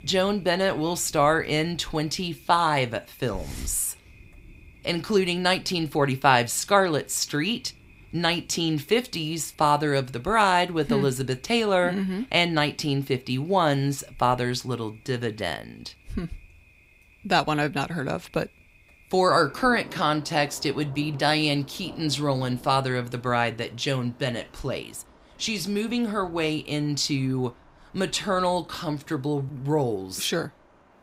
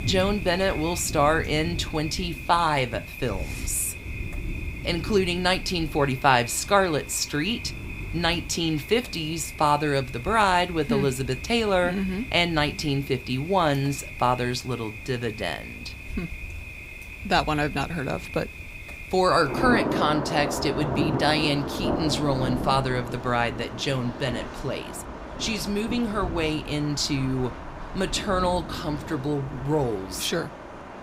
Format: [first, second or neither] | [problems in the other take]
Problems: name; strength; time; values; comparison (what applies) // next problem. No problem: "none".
first | rain or running water; loud; throughout; 9 dB below the speech; faint in the first